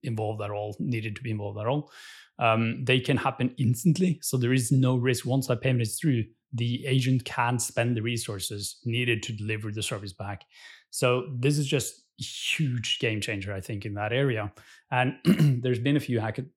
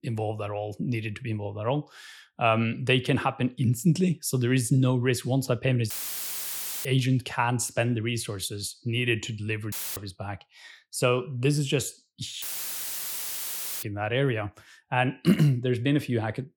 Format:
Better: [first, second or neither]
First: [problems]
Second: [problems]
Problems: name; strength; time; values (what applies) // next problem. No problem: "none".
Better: first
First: none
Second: audio cutting out; filled with static; at 6 s for 1 s, at 9.5 s and at 12 s for 1.5 s